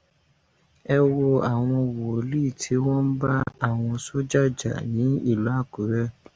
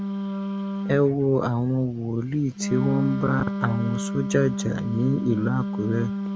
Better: first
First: none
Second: background sound (Wind instrument, woodwind instrument); 5 dB below the speech

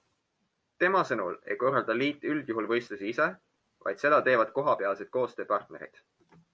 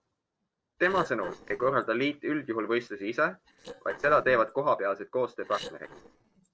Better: first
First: none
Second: noise reduction (neural separator model SepFormer DNS4)

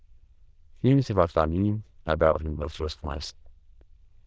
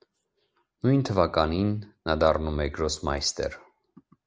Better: second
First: noise reduction (neural diffusion model UNIVERSE++)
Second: none

